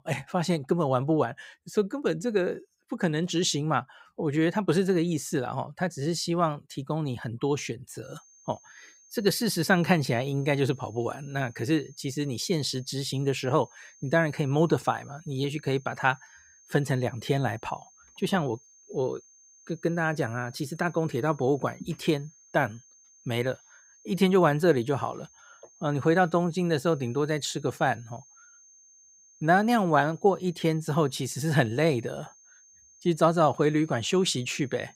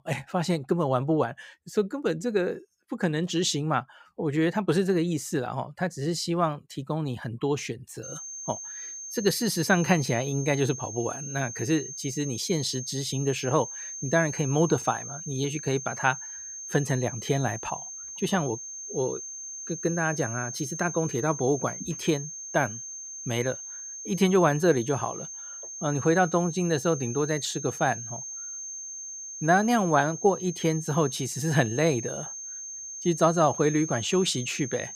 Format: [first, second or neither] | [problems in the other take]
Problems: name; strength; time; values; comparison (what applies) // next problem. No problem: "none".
first | high-pitched whine; loud; from 8 s on; 6.5 kHz, 9 dB below the speech; faint in the first